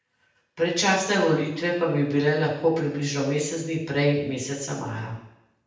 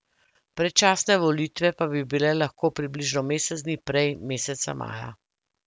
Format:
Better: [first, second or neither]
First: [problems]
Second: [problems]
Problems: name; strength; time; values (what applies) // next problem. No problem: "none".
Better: second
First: room echo; dies away in 0.8 s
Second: none